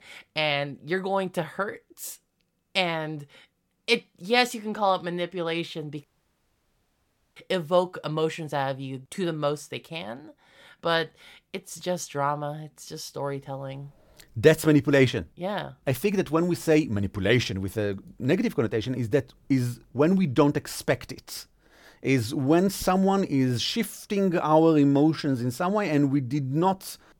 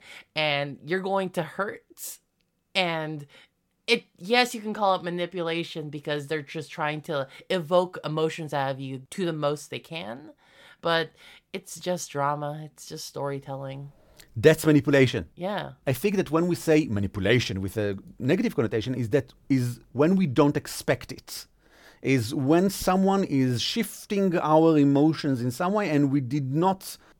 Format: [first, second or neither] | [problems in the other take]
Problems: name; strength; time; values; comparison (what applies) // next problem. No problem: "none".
second | audio cutting out; at 6 s for 1.5 s